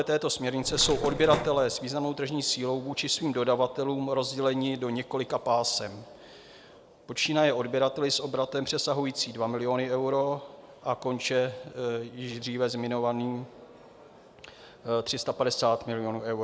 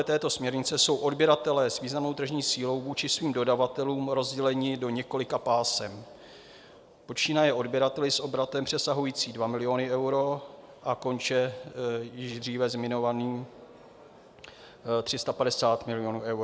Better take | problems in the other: second | background sound (Mechanisms); 5 dB below the speech

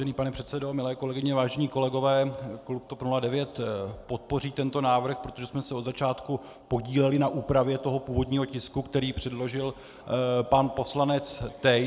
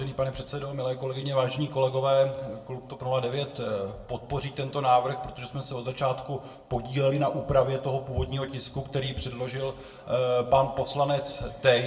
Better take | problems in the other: first | room echo; dies away in 0.5 s

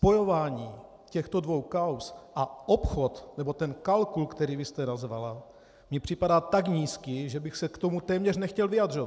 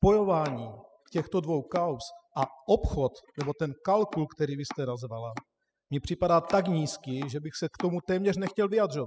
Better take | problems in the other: first | noise reduction (classical method spectral subtraction)

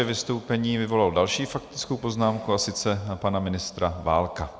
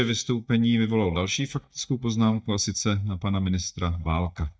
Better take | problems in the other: first | noise reduction (neural mask model DeepFilterNet 3)

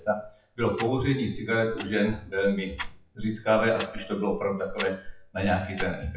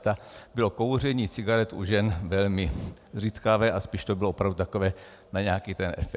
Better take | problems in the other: second | noise reduction (classical method WPE with log-MMSE)

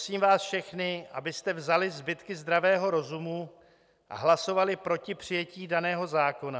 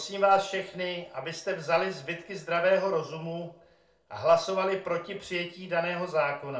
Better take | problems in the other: first | room echo; dies away in 0.3 s

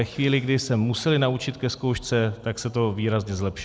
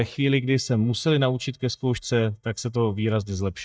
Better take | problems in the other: first | noise reduction (neural mask model DeepFilterNet 3)

